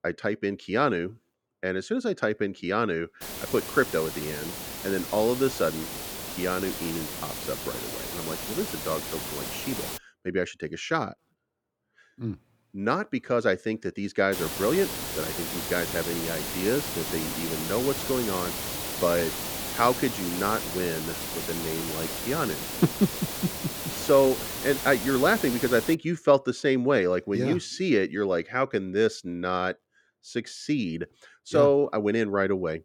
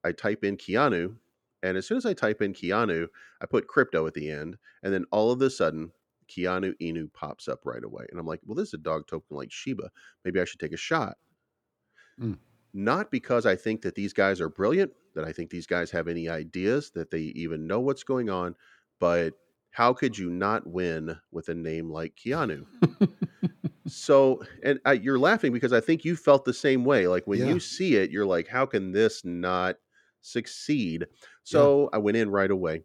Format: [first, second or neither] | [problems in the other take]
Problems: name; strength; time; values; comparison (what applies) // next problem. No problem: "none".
second | hiss; loud; from 3 to 10 s and from 14 to 26 s; 5 dB below the speech